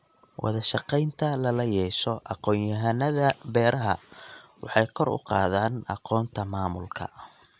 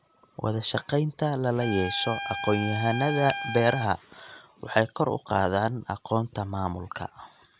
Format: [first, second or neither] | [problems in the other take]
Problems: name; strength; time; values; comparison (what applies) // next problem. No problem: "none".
first | background sound (Trumpet); 7 dB below the speech